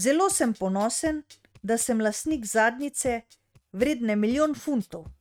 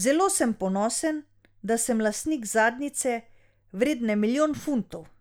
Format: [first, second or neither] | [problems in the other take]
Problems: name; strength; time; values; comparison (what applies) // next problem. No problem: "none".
second | noise reduction (neural mask model RNNoise)